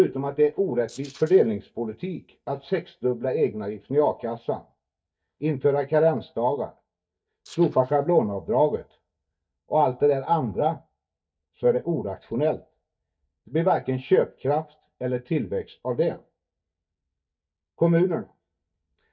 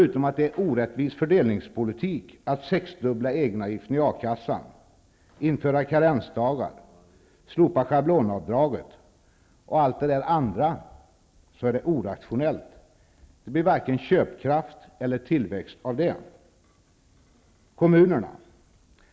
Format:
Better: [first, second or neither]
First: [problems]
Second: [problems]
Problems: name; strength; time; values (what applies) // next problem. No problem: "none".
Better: second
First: noise reduction (neural mask model DeepFilterNet 3)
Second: none